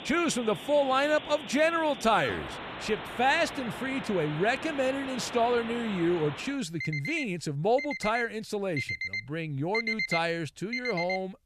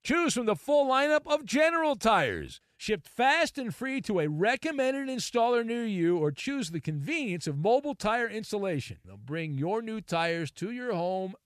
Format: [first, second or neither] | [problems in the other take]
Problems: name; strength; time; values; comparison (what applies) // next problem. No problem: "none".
second | alarms or sirens; loud; throughout; 8 dB below the speech